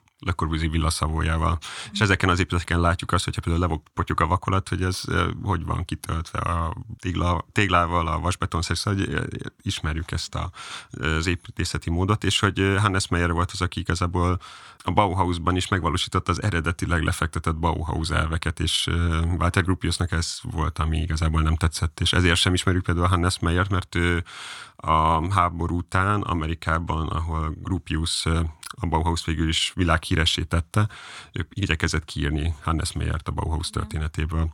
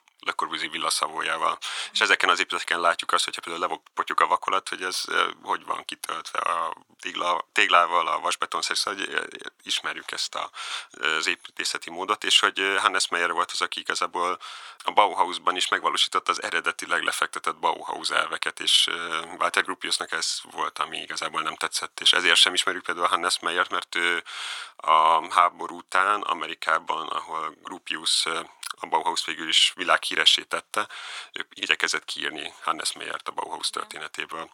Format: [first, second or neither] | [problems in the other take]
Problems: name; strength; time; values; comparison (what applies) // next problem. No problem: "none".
first | thin; very; fading below 500 Hz